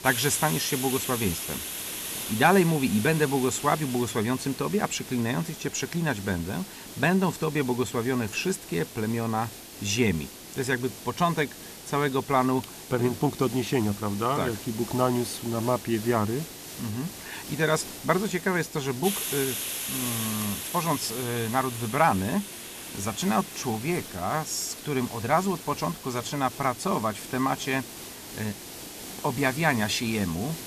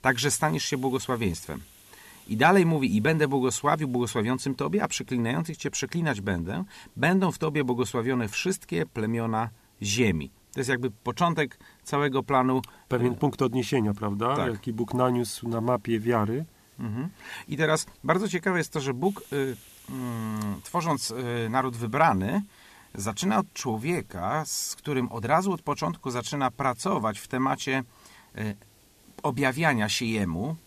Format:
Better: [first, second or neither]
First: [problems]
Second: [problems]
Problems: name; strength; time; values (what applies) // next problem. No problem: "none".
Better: second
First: hiss; loud; throughout; 8 dB below the speech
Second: hiss; faint; throughout; 30 dB below the speech